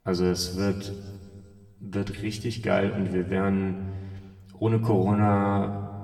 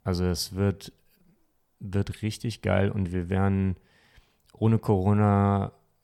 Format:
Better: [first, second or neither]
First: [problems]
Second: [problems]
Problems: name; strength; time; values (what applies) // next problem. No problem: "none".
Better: second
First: room echo; slight; dies away in 1.5 s // off-mic speech; somewhat distant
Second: none